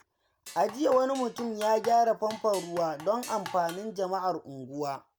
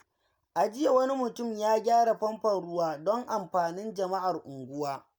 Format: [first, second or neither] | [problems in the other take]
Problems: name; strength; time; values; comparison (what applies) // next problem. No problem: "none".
second | background sound (Drum kit); 16 dB below the speech